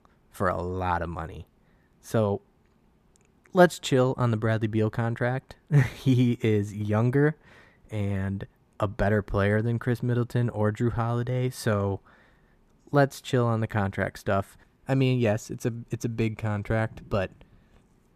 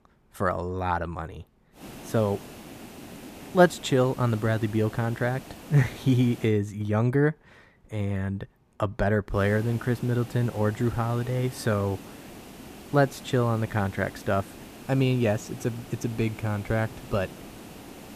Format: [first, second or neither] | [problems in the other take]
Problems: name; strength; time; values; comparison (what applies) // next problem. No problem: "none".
first | hiss; noticeable; from 2 to 6.5 s and from 9.5 s on; 15 dB below the speech